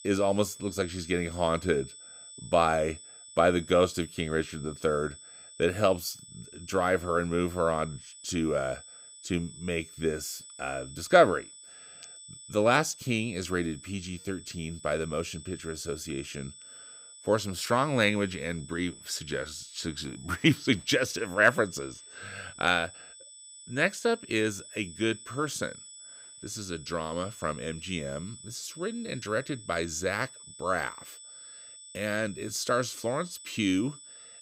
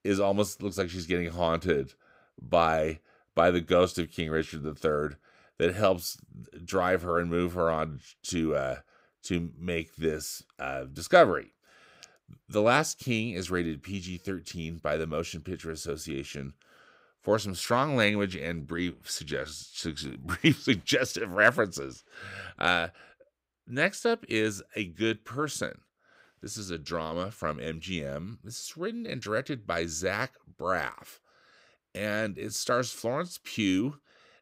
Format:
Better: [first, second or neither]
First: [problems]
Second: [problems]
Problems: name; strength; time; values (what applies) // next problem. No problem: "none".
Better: second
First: high-pitched whine; noticeable; throughout; 8 kHz, 15 dB below the speech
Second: none